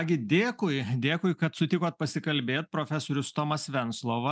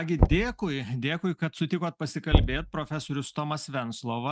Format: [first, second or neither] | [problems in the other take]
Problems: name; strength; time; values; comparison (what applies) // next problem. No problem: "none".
first | noise reduction (neural mask model RNNoise)